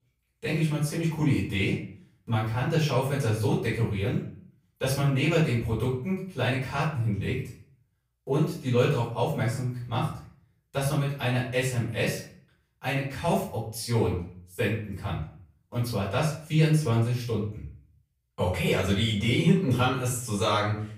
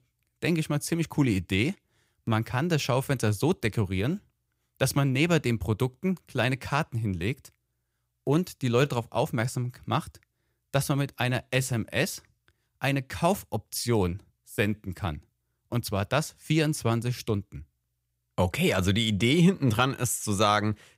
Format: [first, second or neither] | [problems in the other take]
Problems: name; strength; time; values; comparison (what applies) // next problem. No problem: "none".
second | off-mic speech; far // room echo; noticeable; dies away in 0.4 s